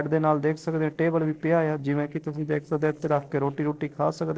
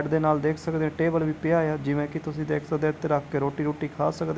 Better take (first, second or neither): second